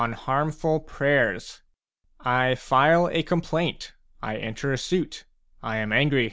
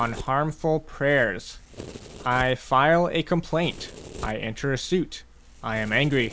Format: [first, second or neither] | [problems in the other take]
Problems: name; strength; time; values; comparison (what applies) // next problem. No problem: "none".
first | background sound (Domestic sounds, home sounds); 17 dB below the speech